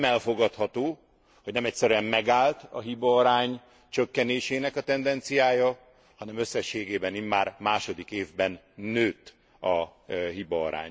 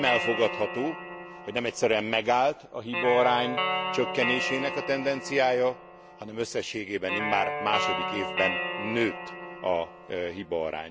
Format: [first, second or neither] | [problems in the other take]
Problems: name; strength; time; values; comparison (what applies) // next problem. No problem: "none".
first | background sound (Guitar); 5 dB below the speech